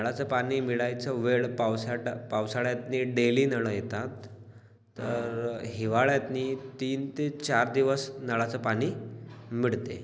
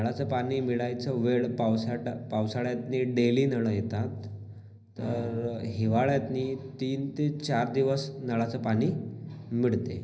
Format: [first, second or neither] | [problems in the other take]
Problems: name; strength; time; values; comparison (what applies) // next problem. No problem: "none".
first | room echo; dies away in 0.5 s